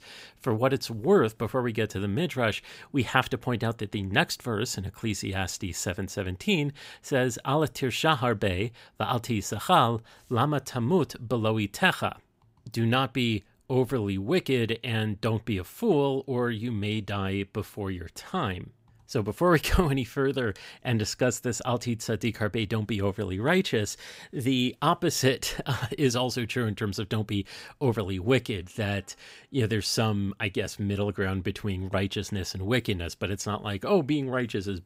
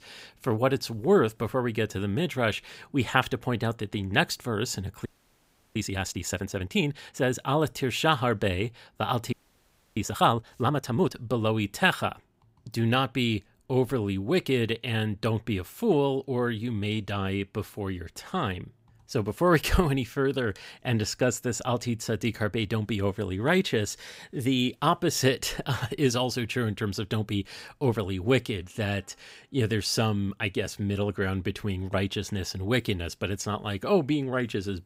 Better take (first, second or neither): first